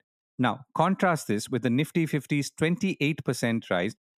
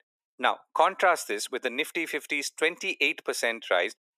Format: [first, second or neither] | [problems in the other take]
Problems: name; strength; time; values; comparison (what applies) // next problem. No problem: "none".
first | thin; very; fading below 400 Hz